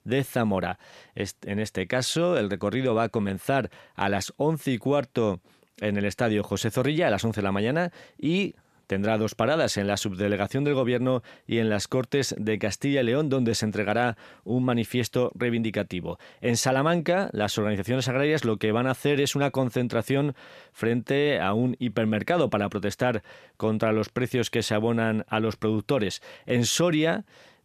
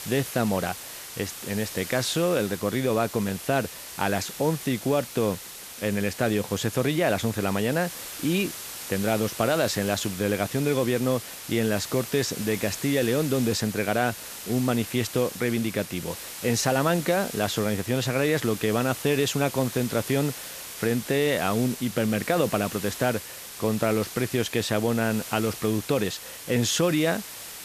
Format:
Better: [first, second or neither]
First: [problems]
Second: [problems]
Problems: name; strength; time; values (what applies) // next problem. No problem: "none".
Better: first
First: none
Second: hiss; noticeable; throughout; 10 dB below the speech